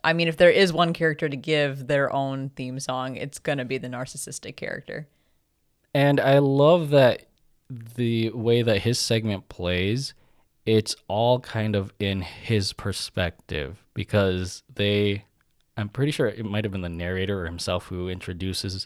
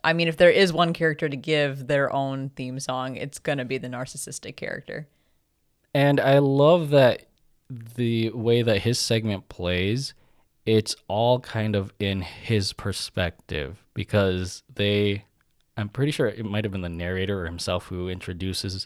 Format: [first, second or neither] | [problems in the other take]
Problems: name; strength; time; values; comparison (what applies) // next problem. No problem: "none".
neither | none